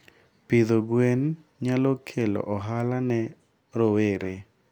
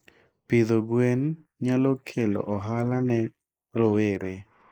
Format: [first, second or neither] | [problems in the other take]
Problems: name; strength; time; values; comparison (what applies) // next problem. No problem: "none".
first | noise reduction (neural mask model Resemble Enhance denoiser)